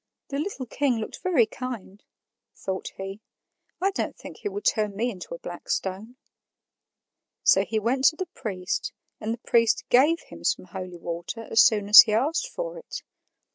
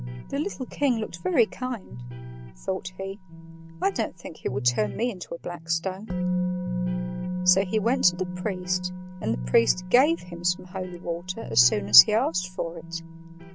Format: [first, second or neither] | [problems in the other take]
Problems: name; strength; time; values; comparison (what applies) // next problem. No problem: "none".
first | background sound (Musical instrument + Electric guitar); 7 dB below the speech